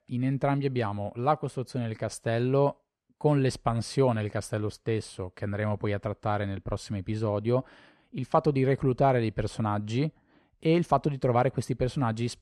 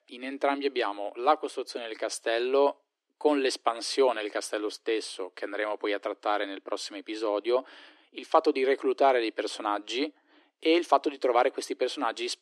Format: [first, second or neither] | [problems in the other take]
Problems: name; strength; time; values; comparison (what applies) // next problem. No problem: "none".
first | thin; somewhat; fading below 300 Hz